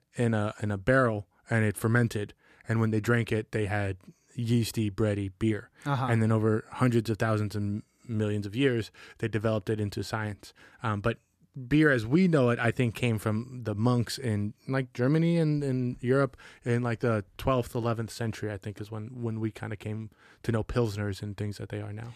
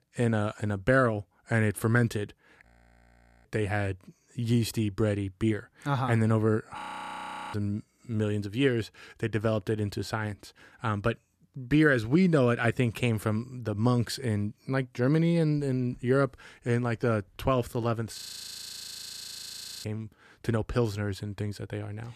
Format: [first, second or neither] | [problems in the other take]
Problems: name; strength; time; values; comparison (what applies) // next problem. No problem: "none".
first | audio freezing; at 2.5 s for 1 s, at 7 s for 0.5 s and at 18 s for 1.5 s